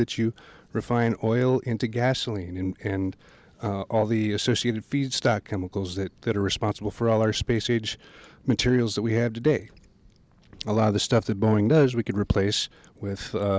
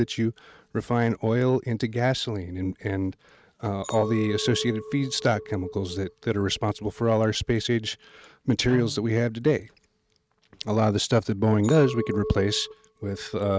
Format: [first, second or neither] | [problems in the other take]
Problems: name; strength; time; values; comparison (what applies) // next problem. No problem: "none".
first | noise reduction (neural mask model RNNoise)